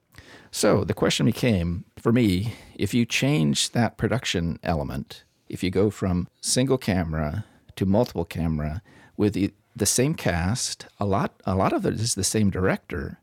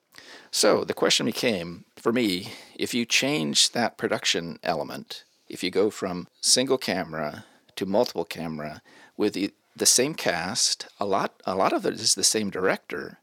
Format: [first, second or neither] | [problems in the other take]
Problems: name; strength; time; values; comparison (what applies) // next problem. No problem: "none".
first | thin; somewhat; fading below 300 Hz